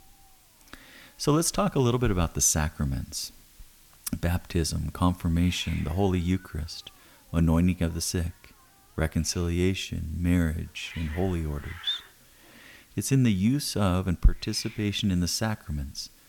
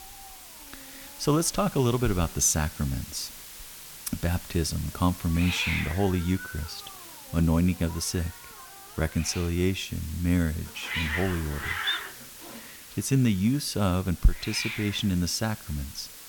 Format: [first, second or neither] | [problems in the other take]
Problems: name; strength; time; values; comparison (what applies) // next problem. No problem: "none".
first | hiss; loud; throughout; 10 dB below the speech; faint in the first